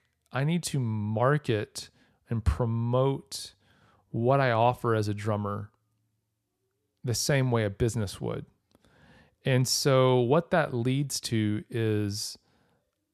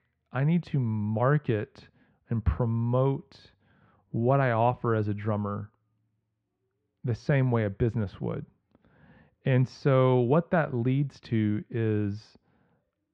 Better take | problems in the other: first | muffled; very; fading above 2.5 kHz

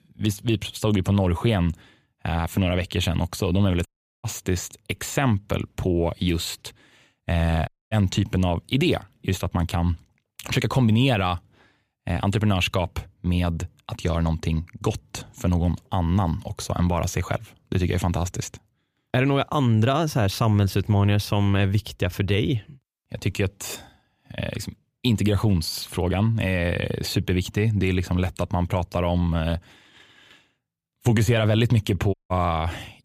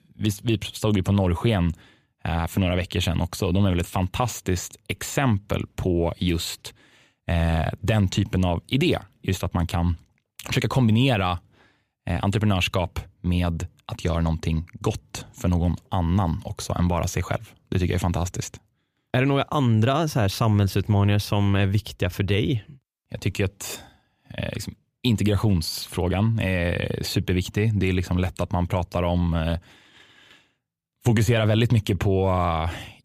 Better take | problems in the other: second | audio cutting out; at 4 s, at 7.5 s and at 32 s

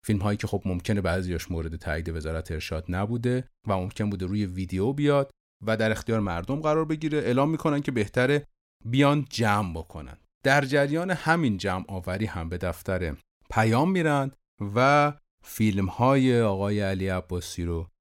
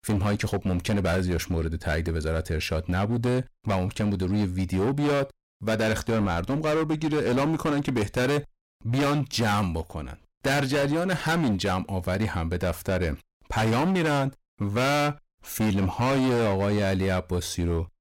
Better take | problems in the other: first | distortion; heavy; 22% of the sound clipped

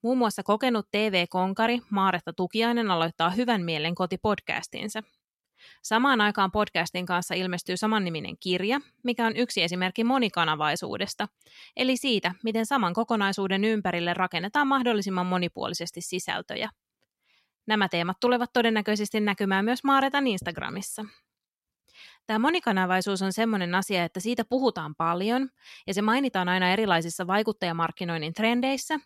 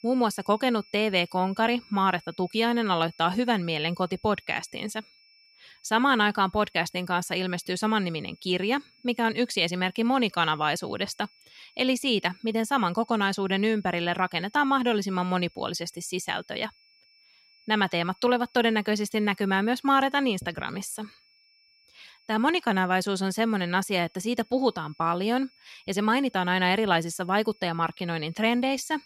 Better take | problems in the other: first | high-pitched whine; faint; throughout; 5.5 kHz, 30 dB below the speech

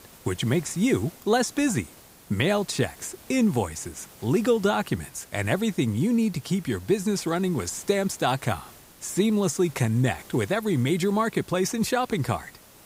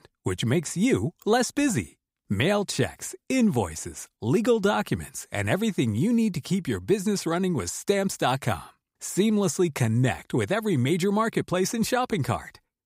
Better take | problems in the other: second | hiss; faint; throughout; 20 dB below the speech

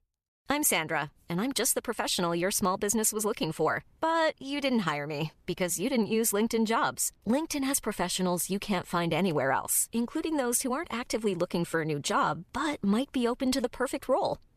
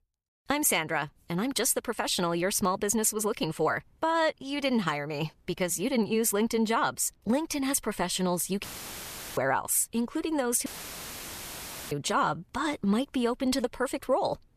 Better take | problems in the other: first | audio cutting out; filled with static; at 8.5 s for 0.5 s and at 11 s for 1.5 s

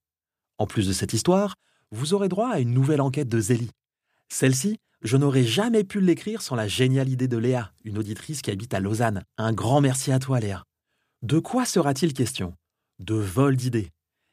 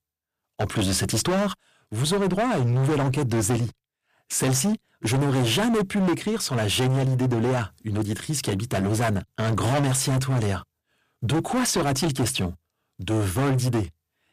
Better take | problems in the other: first | distortion; heavy; 22% of the sound clipped

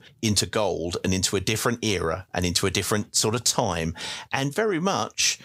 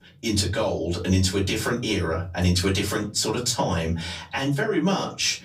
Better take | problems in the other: first | off-mic speech; far // room echo; very slight; dies away in 0.4 s

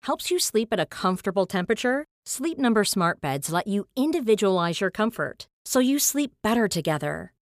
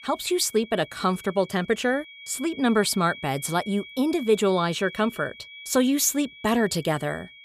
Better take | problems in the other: first | high-pitched whine; noticeable; throughout; 2.5 kHz, 15 dB below the speech

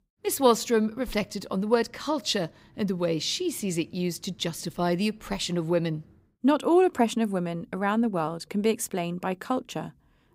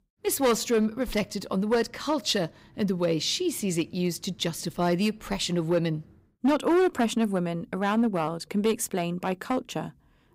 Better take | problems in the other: first | distortion; slight; 4% of the sound clipped

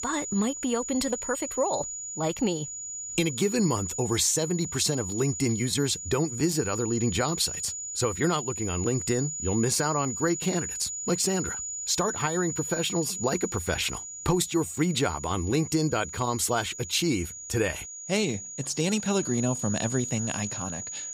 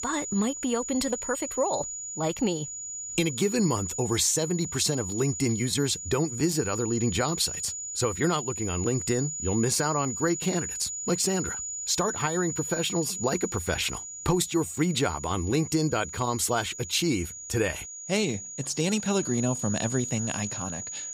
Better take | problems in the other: neither | high-pitched whine; loud; throughout; 7 kHz, 6 dB below the speech; the same in both

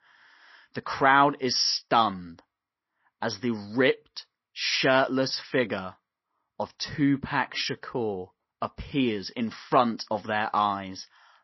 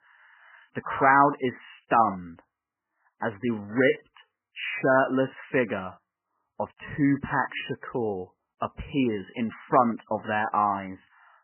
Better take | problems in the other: first | garbled, watery; badly; nothing above 3 kHz; slightly in the first

